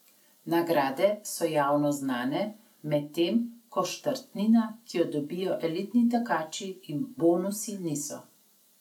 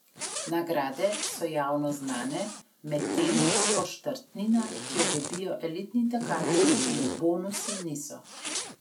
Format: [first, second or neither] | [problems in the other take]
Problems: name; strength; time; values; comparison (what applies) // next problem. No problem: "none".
first | background sound (Zipper (clothing)); as loud as the speech